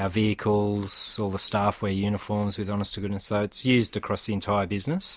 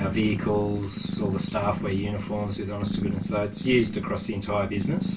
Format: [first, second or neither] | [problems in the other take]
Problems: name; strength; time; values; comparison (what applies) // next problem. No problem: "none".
first | background sound (Purr); 4 dB below the speech // room echo; dies away in 0.2 s